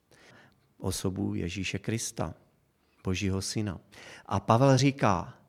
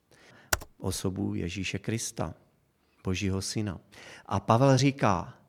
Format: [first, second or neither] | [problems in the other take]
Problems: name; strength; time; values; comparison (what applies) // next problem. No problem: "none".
first | keyboard typing; very faint; at 0.5 s; peak 3 dB below the speech